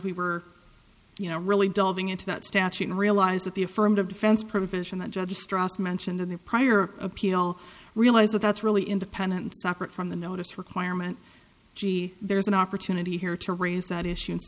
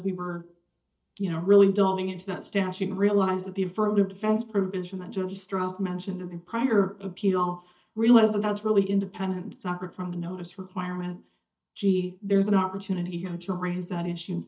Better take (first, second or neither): first